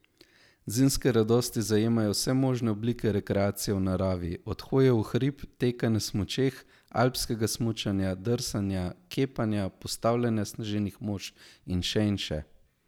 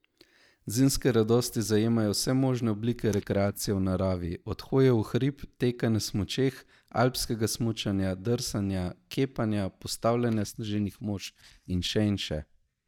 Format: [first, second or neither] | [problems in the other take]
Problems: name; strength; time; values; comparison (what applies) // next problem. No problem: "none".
first | noise reduction (neural mask model DeepFilterNet 3)